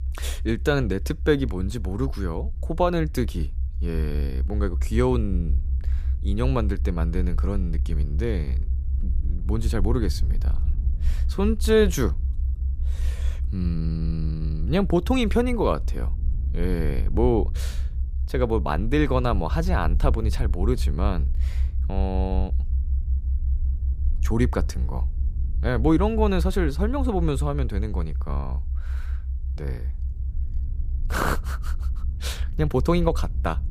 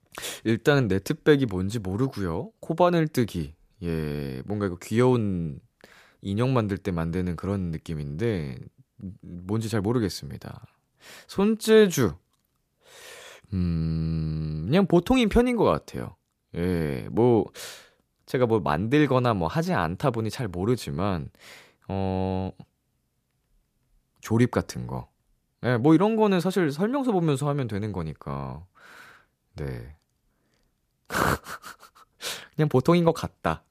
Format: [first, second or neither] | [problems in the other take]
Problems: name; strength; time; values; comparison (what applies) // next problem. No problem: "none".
second | low rumble; noticeable; throughout; 20 dB below the speech